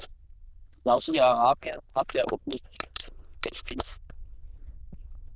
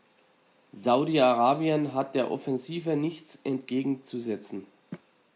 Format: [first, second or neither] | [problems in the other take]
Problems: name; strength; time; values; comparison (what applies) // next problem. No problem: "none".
second | noise reduction (neural diffusion model UNIVERSE++)